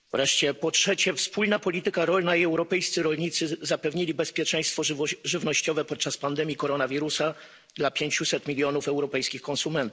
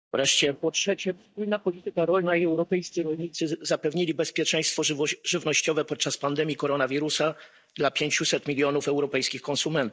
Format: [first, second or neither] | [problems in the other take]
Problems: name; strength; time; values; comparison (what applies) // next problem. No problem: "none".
first | noise reduction (neural mask model DeepFilterNet 3)